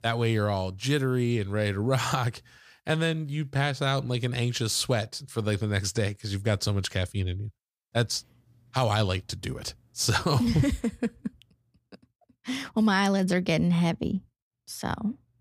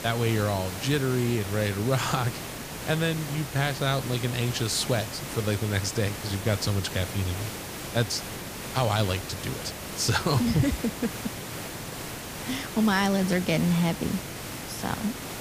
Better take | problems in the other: first | hiss; loud; throughout; 8 dB below the speech

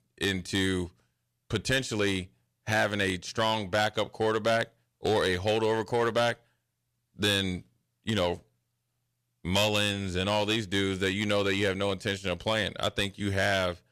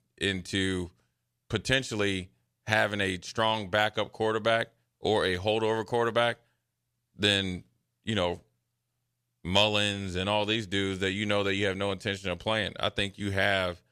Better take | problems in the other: second | distortion; slight; 3% of the sound clipped

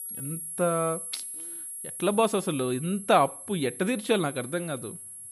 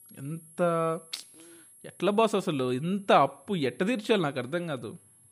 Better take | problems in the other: second | high-pitched whine; loud; throughout; 11 kHz, 9 dB below the speech; faint in the second

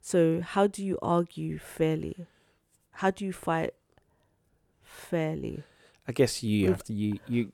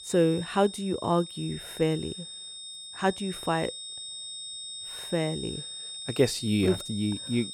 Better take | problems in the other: first | high-pitched whine; loud; throughout; 3.5 kHz, 9 dB below the speech

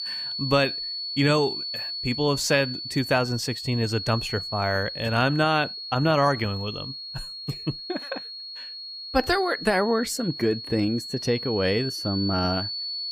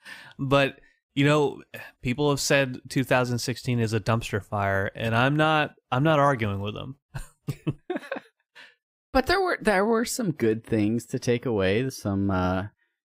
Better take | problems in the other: second | high-pitched whine; loud; throughout; 4.5 kHz, 6 dB below the speech

